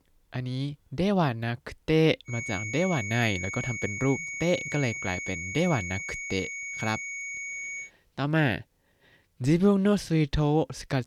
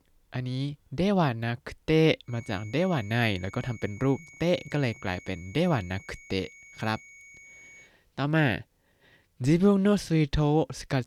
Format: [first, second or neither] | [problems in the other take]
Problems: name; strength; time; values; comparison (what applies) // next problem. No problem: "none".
second | high-pitched whine; loud; from 2.5 to 8 s; 2 kHz, 6 dB below the speech; faint in the second